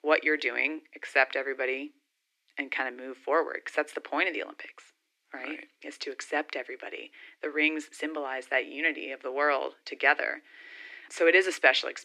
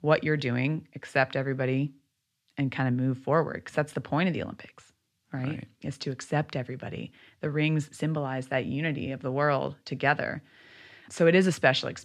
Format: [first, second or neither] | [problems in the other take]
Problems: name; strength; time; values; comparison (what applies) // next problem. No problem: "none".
second | thin; very; fading below 300 Hz